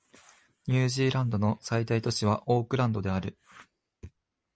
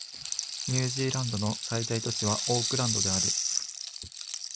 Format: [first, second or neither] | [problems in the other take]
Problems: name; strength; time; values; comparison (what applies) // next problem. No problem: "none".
first | background sound (Rattle (instrument)); as loud as the speech